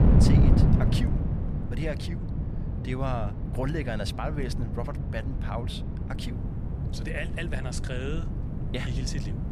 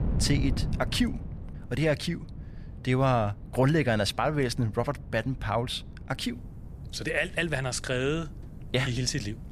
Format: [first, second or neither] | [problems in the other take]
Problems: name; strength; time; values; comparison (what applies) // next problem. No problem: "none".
second | wind noise on the microphone; heavy; 2 dB below the speech; occasional gusts in the second